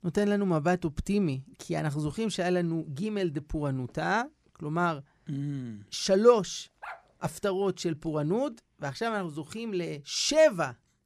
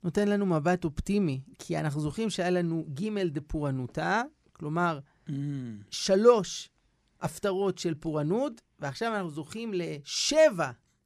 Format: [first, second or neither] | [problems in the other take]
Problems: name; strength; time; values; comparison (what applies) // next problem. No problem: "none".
second | dog barking; faint; at 7 s; peak 15 dB below the speech